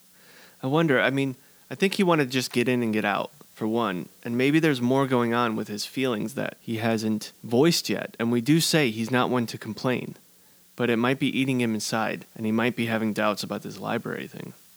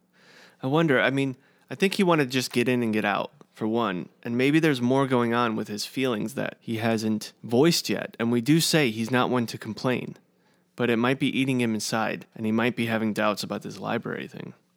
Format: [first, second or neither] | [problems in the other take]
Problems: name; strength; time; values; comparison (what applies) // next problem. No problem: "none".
second | hiss; faint; throughout; 25 dB below the speech